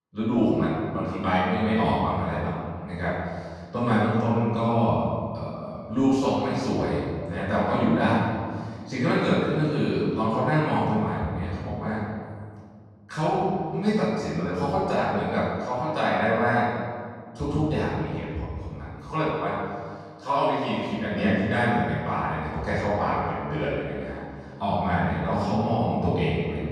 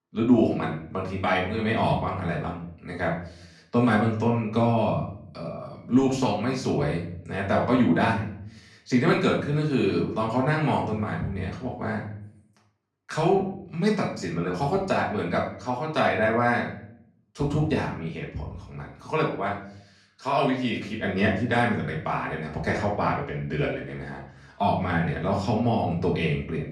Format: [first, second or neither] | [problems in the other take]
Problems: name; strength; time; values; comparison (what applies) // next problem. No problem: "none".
second | room echo; strong; dies away in 1.8 s; slight in the second // off-mic speech; far; far in the second